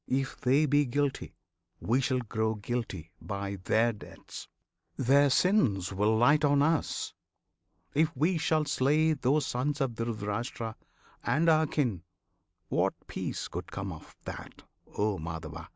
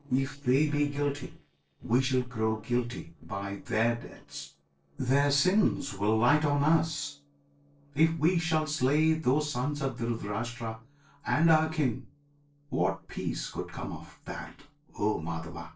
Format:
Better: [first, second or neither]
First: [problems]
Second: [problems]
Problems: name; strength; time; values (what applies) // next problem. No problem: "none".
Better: first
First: none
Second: noise reduction (neural separator model SepFormer DNS4)